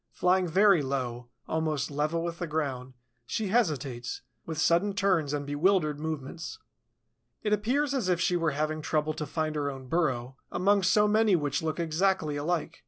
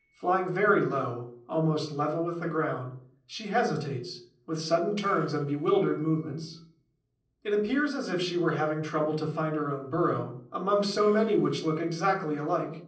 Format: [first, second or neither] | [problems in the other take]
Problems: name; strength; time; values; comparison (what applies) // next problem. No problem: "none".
first | noise reduction (neural separator model SepFormer DNS4)